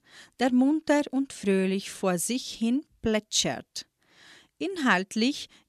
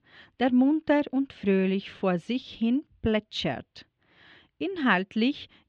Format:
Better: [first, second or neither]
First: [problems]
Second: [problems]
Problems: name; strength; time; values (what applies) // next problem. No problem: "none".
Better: first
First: none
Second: muffled; slightly; fading above 3 kHz